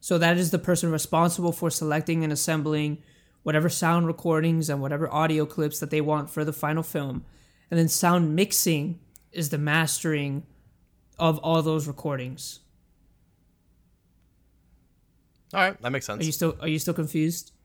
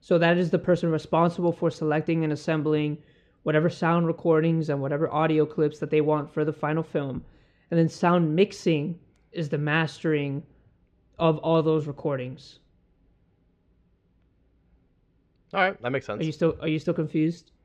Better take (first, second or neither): first